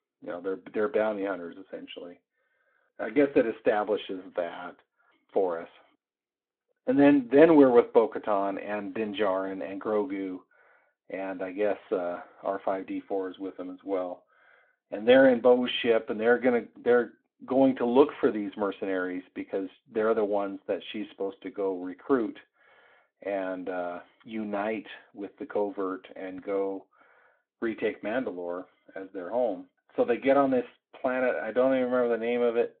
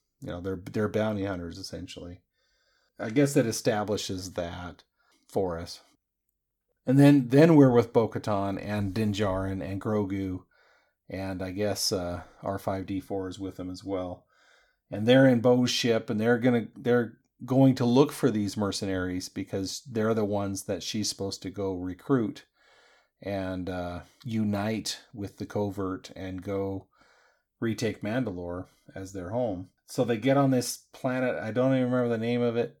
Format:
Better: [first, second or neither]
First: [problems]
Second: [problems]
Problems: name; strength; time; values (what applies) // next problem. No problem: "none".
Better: second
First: phone-call audio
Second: none